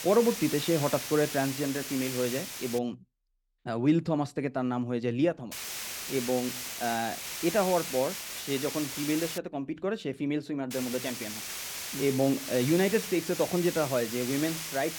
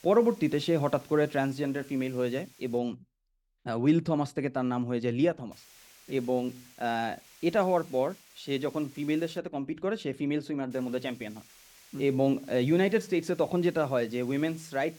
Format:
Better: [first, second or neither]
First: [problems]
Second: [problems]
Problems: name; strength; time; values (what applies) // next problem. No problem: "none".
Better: second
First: hiss; loud; until 3 s, from 5.5 to 9.5 s and from 11 s on; 6 dB below the speech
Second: hiss; faint; until 3 s, from 5.5 to 9.5 s and from 11 s on; 25 dB below the speech